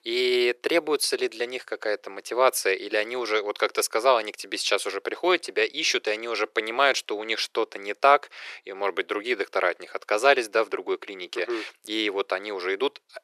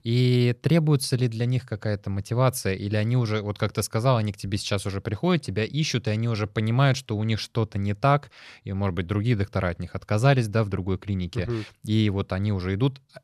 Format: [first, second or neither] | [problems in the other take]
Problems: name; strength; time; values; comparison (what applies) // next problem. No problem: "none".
second | thin; very; fading below 350 Hz